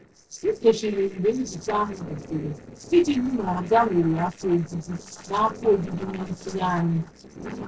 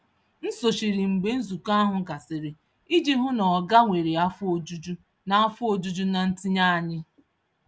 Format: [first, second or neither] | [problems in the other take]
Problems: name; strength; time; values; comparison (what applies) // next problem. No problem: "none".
second | noise reduction (neural separator model SepFormer DNS4)